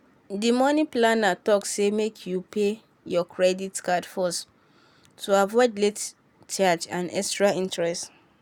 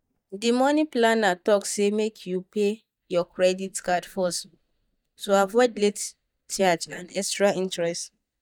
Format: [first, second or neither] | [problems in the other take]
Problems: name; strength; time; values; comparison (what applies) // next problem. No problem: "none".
first | noise reduction (neural mask model DeepFilterNet 3)